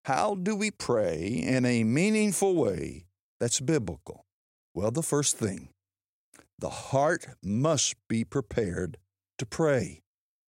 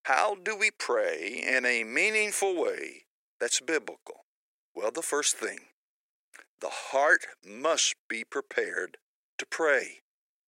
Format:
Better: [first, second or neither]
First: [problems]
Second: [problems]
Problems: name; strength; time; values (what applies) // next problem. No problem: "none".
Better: first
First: none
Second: thin; very; fading below 350 Hz